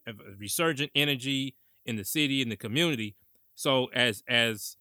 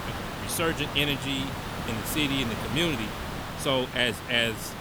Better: first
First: none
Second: hiss; loud; throughout; 7 dB below the speech

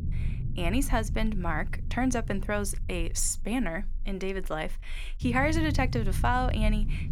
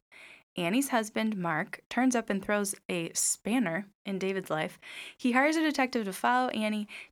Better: second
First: low rumble; noticeable; throughout; 15 dB below the speech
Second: none

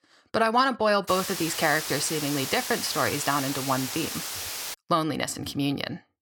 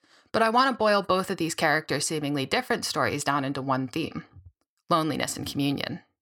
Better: second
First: hiss; loud; from 1 to 4.5 s; 5 dB below the speech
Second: none

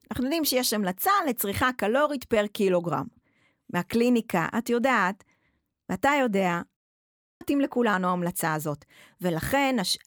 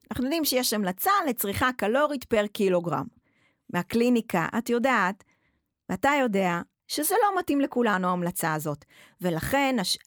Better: second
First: audio cutting out; at 7 s for 0.5 s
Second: none

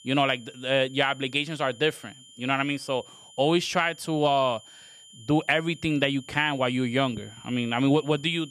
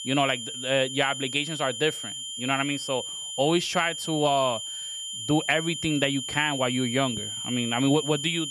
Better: first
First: high-pitched whine; faint; throughout; 3 kHz, 20 dB below the speech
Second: high-pitched whine; loud; throughout; 3 kHz, 6 dB below the speech

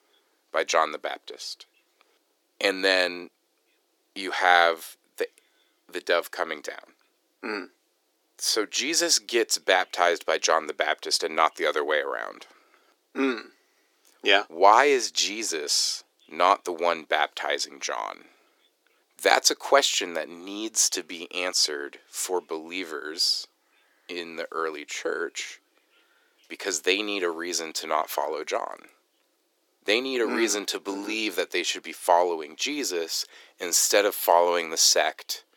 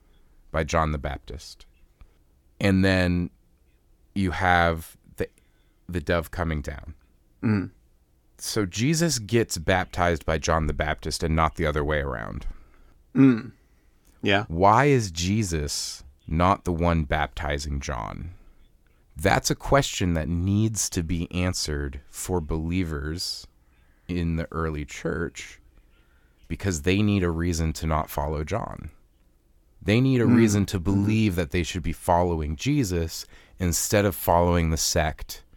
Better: second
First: thin; very; fading below 350 Hz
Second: none

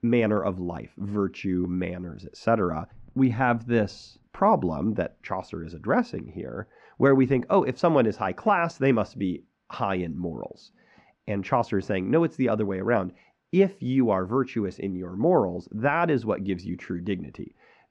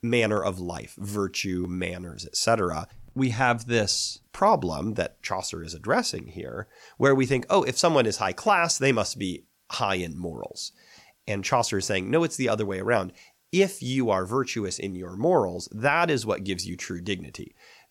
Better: second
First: muffled; very; fading above 2 kHz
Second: none

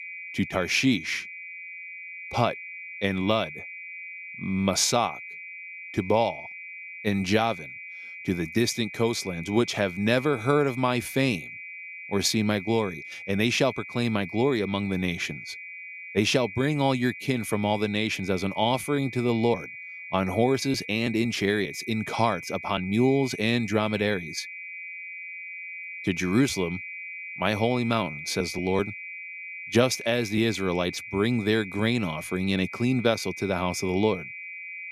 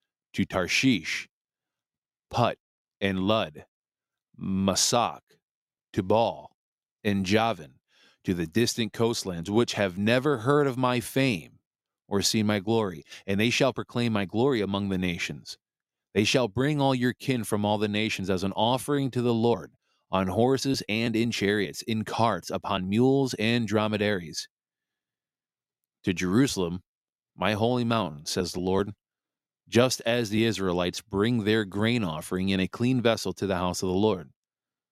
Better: second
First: high-pitched whine; noticeable; throughout; 2.5 kHz, 10 dB below the speech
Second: none

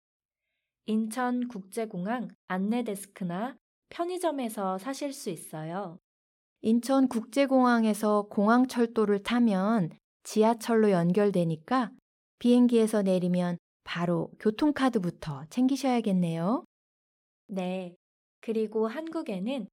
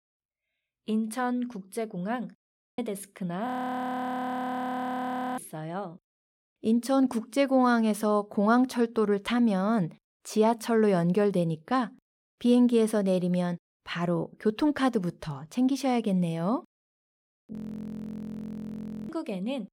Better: first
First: none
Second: audio freezing; at 2.5 s, at 3.5 s for 2 s and at 18 s for 1.5 s

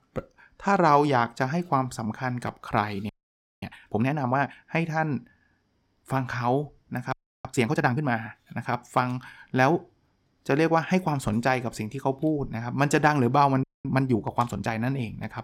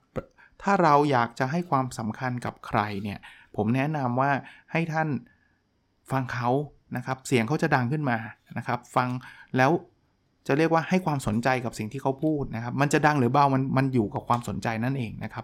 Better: second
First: audio freezing; at 3 s for 0.5 s, at 7 s and at 14 s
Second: none

